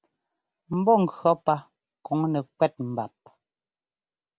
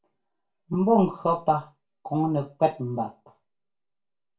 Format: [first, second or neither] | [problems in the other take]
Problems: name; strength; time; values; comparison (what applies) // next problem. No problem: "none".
first | room echo; dies away in 0.2 s